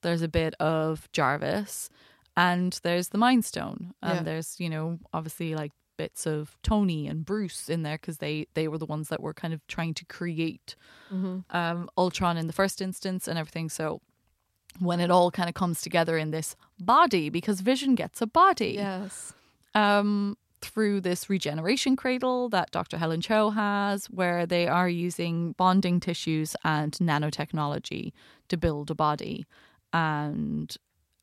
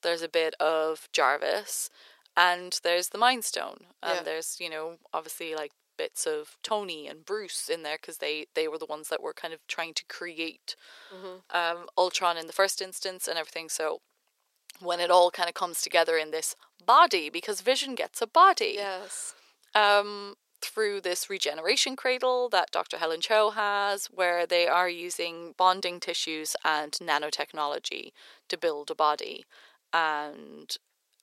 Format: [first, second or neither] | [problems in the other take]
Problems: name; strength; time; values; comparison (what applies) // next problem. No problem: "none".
first | thin; very; fading below 450 Hz